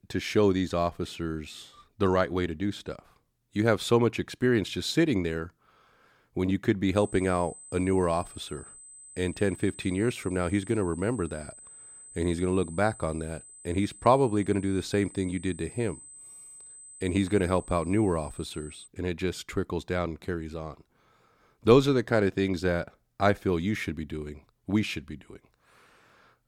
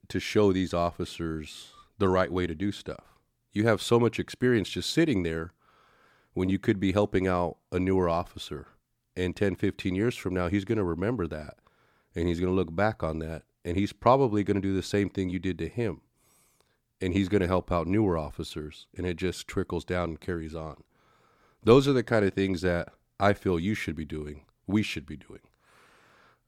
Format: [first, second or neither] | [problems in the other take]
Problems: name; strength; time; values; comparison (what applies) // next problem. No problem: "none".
second | high-pitched whine; noticeable; from 7 to 19 s; 8 kHz, 20 dB below the speech